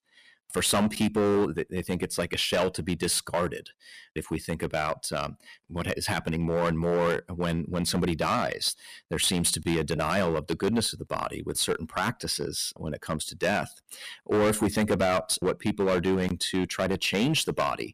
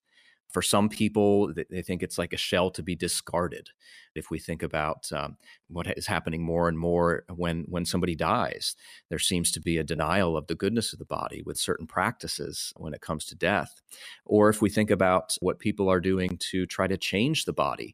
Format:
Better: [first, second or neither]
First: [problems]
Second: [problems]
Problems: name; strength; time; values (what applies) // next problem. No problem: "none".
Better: second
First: distortion; heavy; 7% of the sound clipped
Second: none